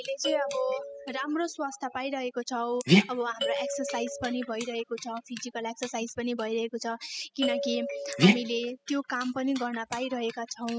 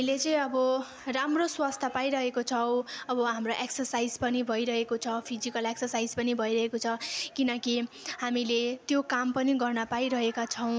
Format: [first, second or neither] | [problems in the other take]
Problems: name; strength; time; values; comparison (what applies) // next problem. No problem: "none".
second | noise reduction (classical method spectral subtraction)